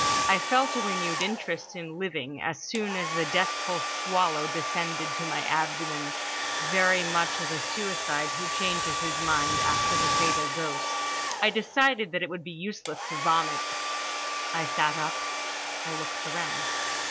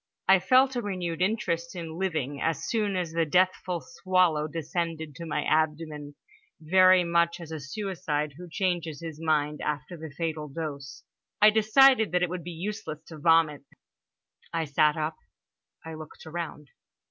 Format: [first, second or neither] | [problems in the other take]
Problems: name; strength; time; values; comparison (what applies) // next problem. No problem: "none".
second | background sound (Domestic sounds, home sounds); as loud as the speech